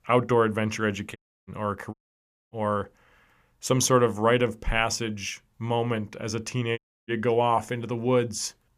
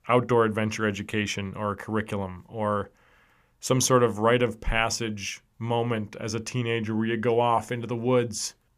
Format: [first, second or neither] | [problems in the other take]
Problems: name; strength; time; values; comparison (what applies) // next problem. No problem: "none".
second | audio cutting out; at 1 s, at 2 s for 0.5 s and at 7 s